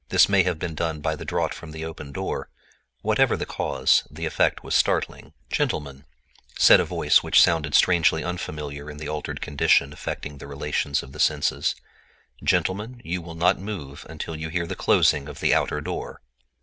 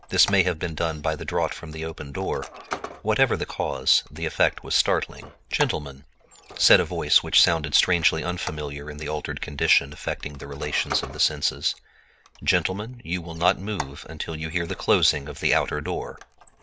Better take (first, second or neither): first